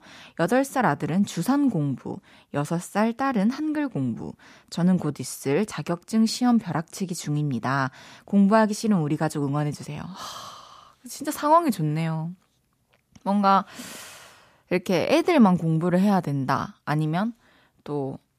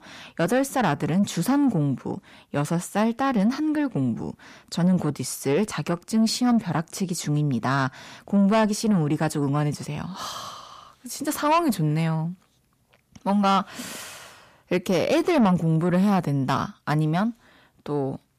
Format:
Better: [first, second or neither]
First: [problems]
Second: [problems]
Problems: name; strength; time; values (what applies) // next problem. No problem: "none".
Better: first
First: none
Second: distortion; slight; 10 dB below the speech